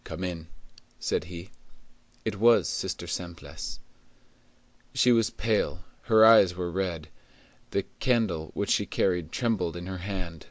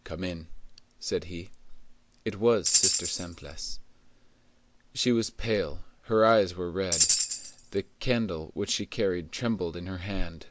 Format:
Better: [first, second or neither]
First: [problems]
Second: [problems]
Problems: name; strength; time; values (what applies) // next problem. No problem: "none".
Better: first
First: none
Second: background sound (Tambourine); 1 dB above the speech